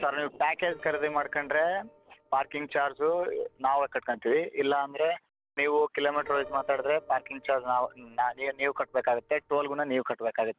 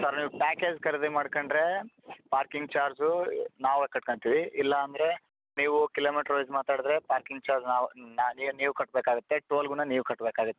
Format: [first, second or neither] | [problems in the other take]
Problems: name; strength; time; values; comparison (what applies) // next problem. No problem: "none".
second | noise reduction (neural separator model SepFormer DNS4)